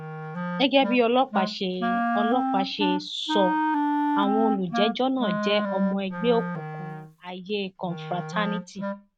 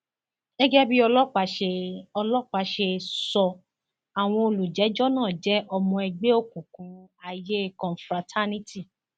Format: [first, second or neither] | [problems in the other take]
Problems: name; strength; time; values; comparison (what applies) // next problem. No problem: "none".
second | background sound (Wind instrument, woodwind instrument); 2 dB below the speech